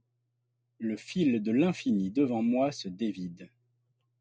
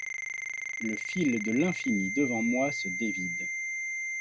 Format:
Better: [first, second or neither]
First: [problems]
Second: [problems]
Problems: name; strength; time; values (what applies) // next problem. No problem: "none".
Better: first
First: none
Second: background sound (Ringtone); 3 dB below the speech